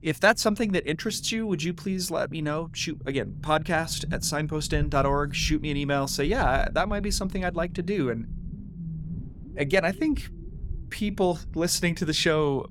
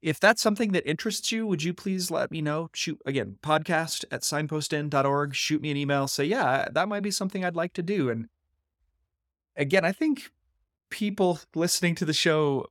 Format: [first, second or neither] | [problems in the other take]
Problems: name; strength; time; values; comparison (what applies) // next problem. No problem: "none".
second | low rumble; faint; throughout; 25 dB below the speech